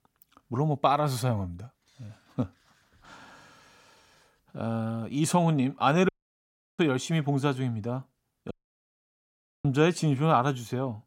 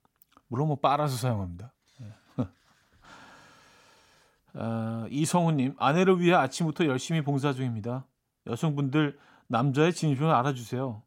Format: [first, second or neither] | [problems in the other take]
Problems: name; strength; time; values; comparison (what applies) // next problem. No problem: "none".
second | audio cutting out; at 6 s for 0.5 s and at 8.5 s for 1 s